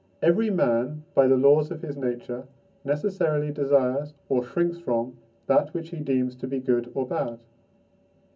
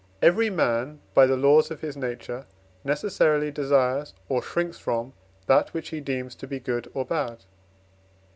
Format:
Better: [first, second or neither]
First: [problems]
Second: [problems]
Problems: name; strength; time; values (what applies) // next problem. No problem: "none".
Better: second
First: room echo; dies away in 0.3 s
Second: none